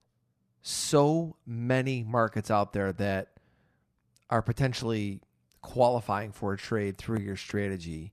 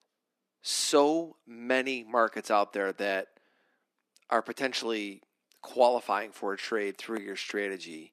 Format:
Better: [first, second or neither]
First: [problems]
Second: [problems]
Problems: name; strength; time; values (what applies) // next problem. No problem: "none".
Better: first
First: none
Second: thin; somewhat; fading below 250 Hz